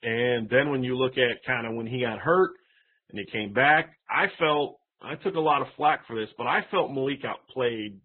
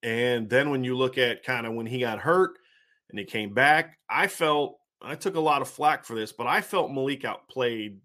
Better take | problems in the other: second | garbled, watery; badly; nothing above 3.5 kHz

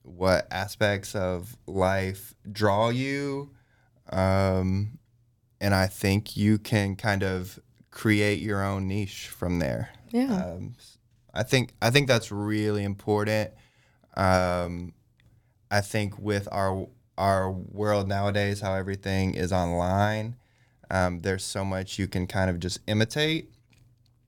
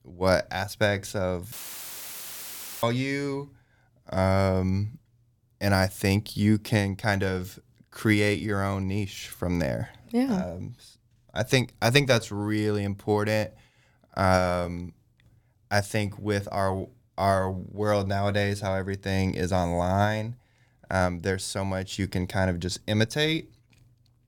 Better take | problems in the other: first | audio cutting out; filled with static; at 1.5 s for 1.5 s

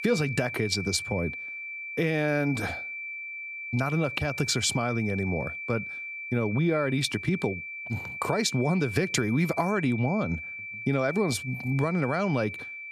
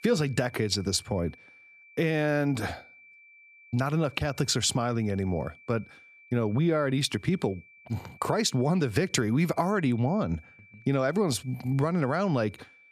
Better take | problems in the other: second | high-pitched whine; loud; throughout; 2.5 kHz, 7 dB below the speech; faint in the second

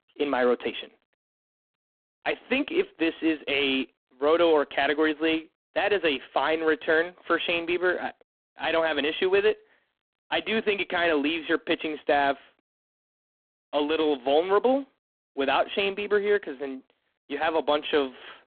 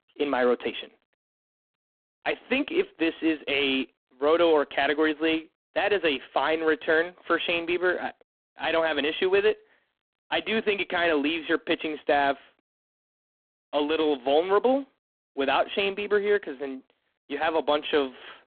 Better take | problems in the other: neither | phone-call audio; poor line; the same in both

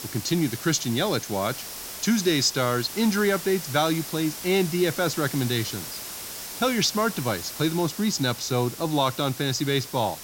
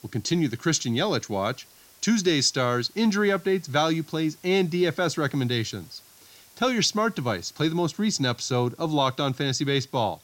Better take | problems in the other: second | hiss; loud; throughout; 10 dB below the speech; faint in the second

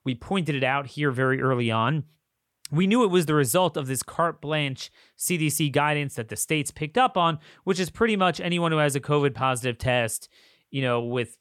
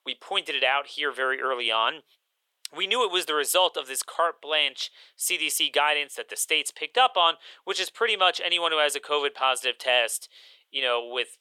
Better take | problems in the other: first | thin; very; fading below 450 Hz

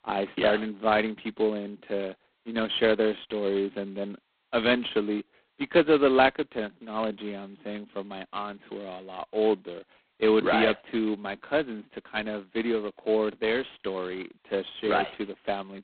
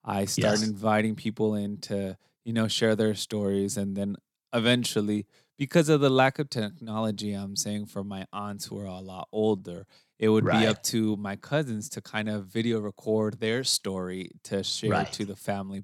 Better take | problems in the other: second | phone-call audio; poor line; nothing above 4 kHz

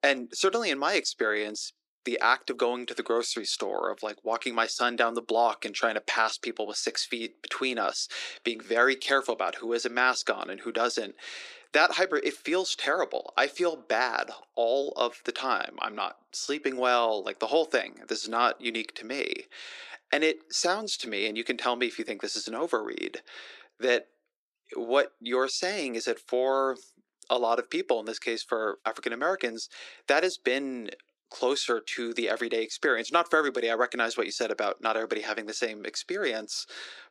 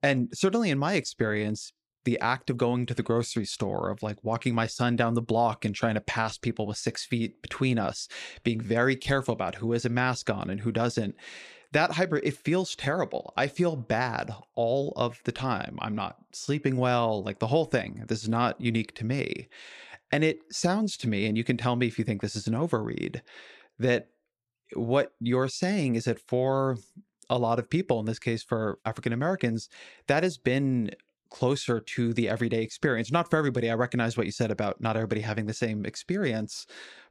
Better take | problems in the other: second | thin; somewhat; fading below 300 Hz

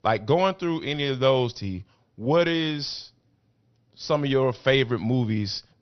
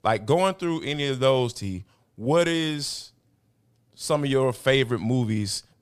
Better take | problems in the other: second | garbled, watery; slightly; nothing above 6 kHz

